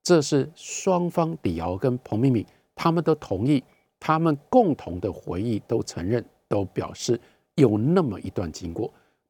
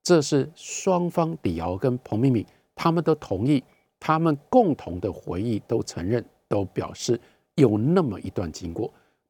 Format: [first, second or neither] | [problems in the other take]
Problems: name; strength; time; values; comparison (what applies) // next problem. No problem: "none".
neither | none